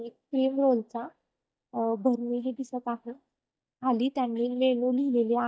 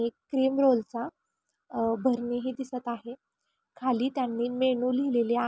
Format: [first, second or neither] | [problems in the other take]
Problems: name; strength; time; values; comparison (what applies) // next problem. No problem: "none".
second | noise reduction (neural mask model DeepFilterNet 3)